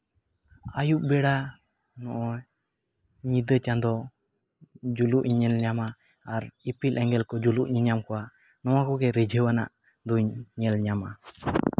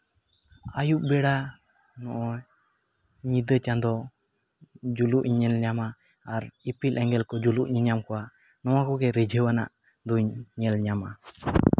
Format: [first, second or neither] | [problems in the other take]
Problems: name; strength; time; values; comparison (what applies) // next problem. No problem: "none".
second | noise reduction (neural mask model Resemble Enhance denoiser)